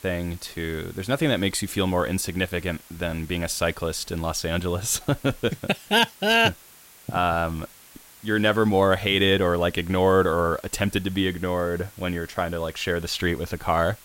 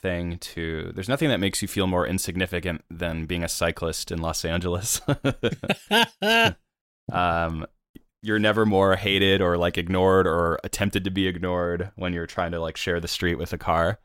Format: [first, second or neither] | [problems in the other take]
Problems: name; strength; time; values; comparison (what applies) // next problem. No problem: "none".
second | hiss; faint; throughout; 25 dB below the speech